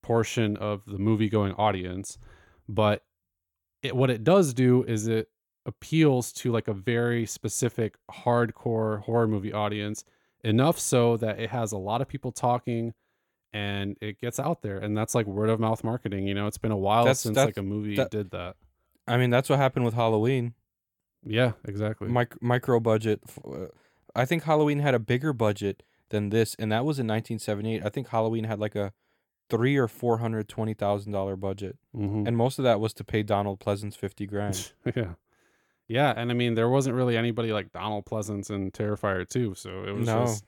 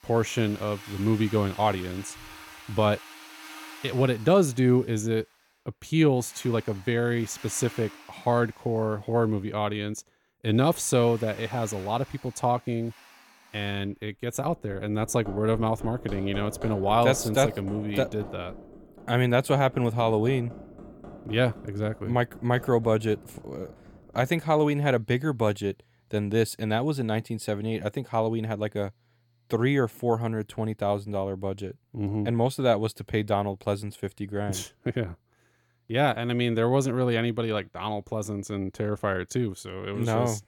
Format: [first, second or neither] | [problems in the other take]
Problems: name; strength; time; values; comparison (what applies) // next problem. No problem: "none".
first | machinery noise; noticeable; throughout; 20 dB below the speech